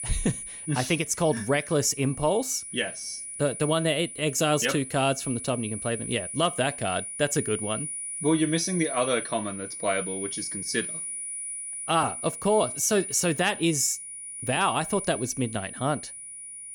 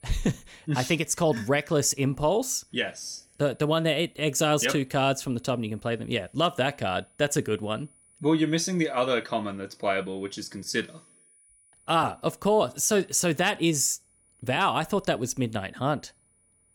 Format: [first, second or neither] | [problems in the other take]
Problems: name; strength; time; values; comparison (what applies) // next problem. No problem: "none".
second | high-pitched whine; loud; throughout; 9.5 kHz, 7 dB below the speech; faint in the second